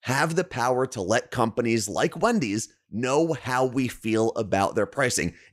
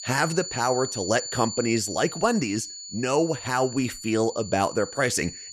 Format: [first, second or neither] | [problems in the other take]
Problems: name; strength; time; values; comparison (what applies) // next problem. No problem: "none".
first | high-pitched whine; loud; throughout; 7 kHz, 9 dB below the speech